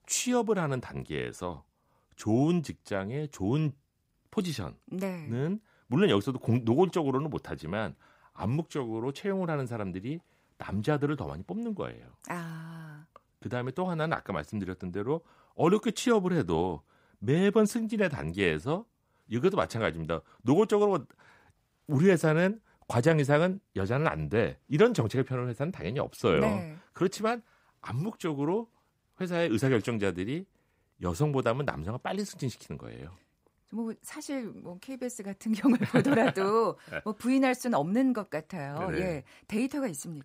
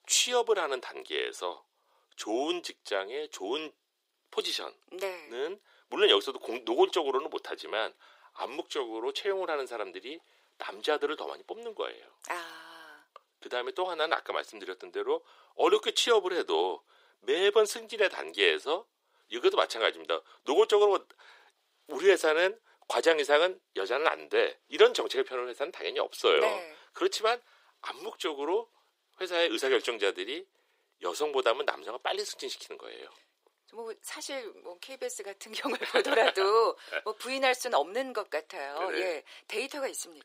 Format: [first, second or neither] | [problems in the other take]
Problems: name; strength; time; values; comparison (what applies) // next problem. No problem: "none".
first | thin; very; fading below 400 Hz